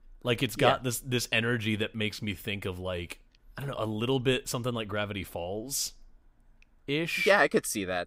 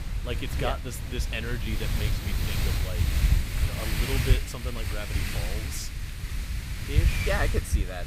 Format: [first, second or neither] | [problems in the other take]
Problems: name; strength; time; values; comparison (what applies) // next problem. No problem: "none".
first | wind noise on the microphone; heavy; 1 dB below the speech